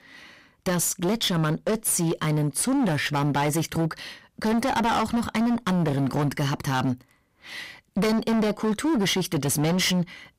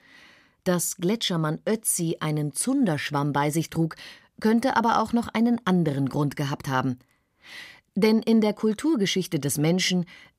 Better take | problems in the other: second | distortion; heavy; 23% of the sound clipped

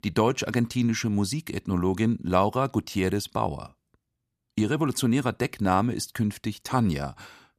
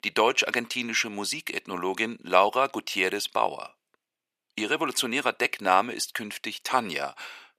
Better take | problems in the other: first | thin; very; fading below 550 Hz

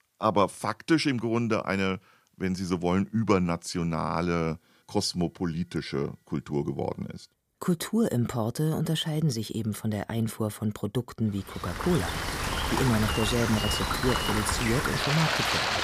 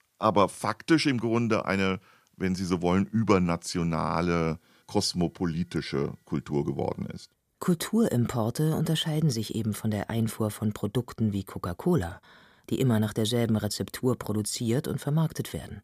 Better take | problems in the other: second | rain or running water; very loud; from 12 s on; as loud as the speech

